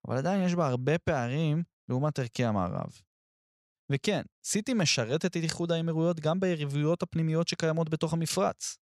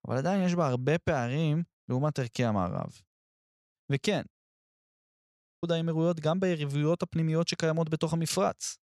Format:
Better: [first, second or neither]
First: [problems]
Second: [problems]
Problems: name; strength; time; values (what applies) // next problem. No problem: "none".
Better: first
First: none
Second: audio cutting out; at 4.5 s for 1.5 s